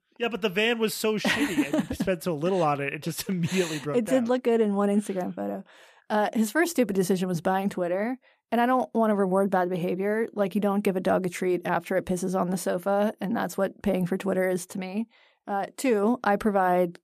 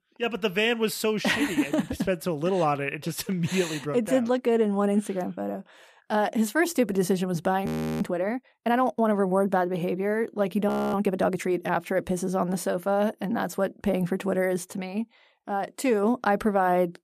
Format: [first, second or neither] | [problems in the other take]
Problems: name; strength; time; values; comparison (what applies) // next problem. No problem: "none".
first | audio freezing; at 7.5 s and at 11 s